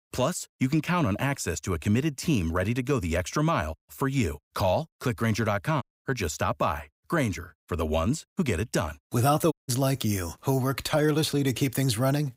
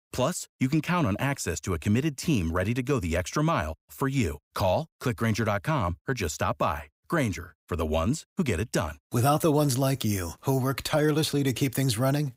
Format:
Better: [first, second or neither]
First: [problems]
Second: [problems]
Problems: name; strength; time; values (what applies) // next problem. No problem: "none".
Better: second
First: audio cutting out; at 6 s and at 9.5 s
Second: none